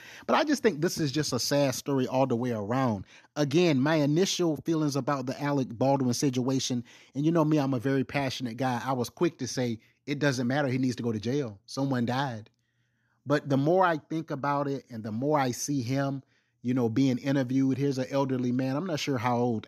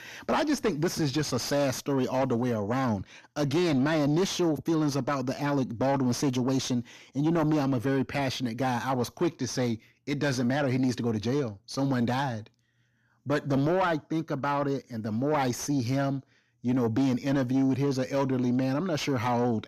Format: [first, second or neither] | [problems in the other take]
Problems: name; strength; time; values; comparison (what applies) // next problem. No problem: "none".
first | distortion; slight; 10 dB below the speech